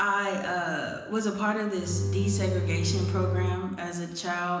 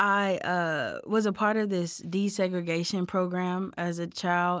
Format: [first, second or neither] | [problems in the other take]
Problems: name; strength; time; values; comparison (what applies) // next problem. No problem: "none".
second | background sound (Bowed string instrument); 1 dB above the speech // room echo; dies away in 1 s